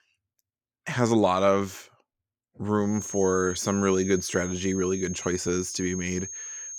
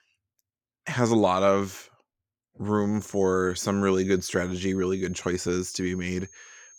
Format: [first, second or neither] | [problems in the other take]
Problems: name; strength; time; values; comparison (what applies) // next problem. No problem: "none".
second | high-pitched whine; loud; from 3 s on; 6.5 kHz, 9 dB below the speech; faint in the second